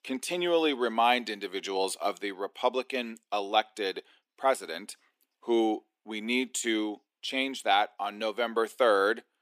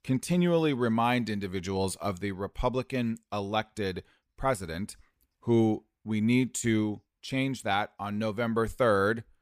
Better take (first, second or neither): second